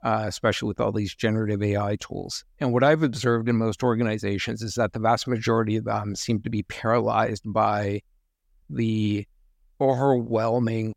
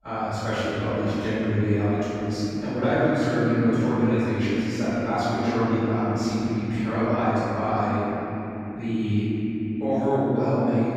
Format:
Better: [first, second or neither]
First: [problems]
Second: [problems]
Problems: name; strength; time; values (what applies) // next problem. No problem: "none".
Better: first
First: none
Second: room echo; strong; dies away in 3 s // off-mic speech; far